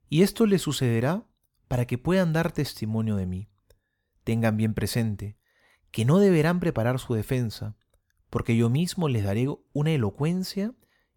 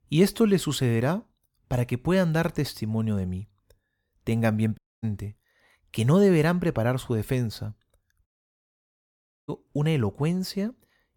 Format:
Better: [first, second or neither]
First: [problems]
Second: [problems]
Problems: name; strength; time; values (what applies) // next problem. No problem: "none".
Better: first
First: none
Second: audio cutting out; at 5 s and at 8.5 s for 1 s